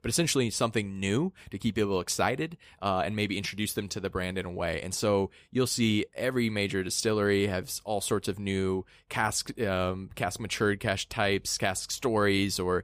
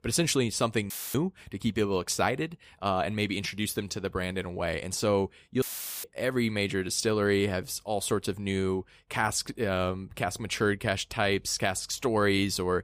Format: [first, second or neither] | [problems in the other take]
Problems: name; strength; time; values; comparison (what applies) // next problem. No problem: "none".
first | audio cutting out; filled with static; at 1 s and at 5.5 s